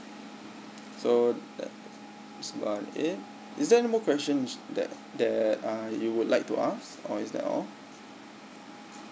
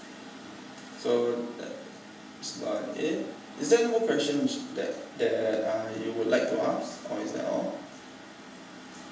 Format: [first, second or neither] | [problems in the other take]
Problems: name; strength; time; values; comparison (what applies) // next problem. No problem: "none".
first | room echo; dies away in 0.7 s